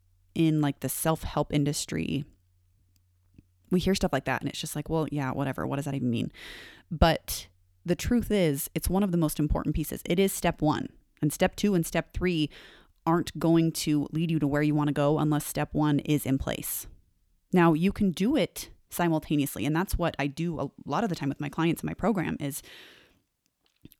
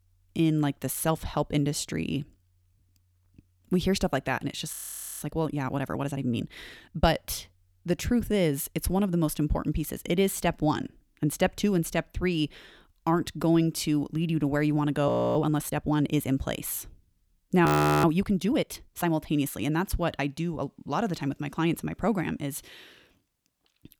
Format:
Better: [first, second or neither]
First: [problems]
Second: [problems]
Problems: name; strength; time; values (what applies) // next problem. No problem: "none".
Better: first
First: none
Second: audio freezing; at 4.5 s, at 15 s and at 18 s